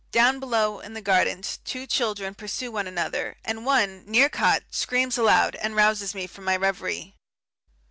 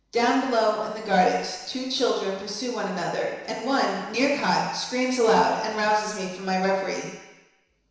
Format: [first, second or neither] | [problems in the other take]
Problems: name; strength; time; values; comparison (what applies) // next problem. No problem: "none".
first | room echo; dies away in 1 s